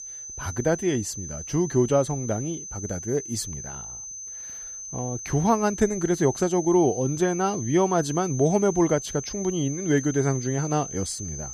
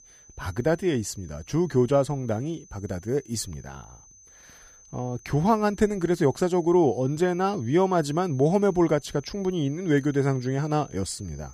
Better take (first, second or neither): second